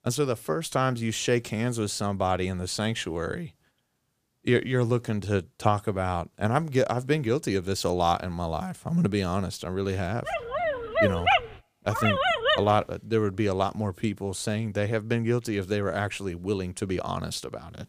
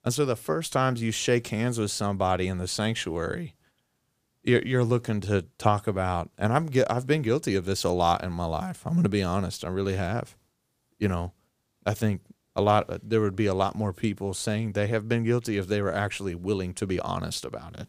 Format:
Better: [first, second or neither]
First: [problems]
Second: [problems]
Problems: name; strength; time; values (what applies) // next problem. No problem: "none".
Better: second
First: dog barking; loud; from 10 to 13 s; peak 6 dB above the speech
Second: none